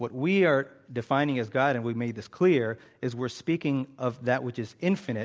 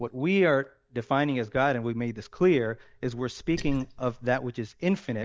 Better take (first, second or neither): first